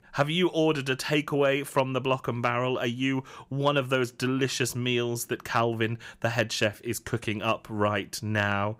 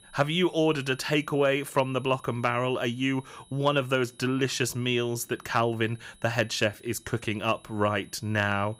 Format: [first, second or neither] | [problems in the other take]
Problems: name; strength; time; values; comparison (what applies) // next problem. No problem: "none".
first | high-pitched whine; faint; throughout; 10.5 kHz, 30 dB below the speech